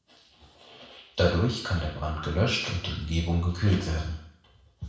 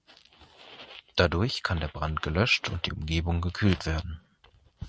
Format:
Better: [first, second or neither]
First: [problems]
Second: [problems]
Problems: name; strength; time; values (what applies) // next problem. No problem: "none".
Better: second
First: room echo; dies away in 0.7 s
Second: none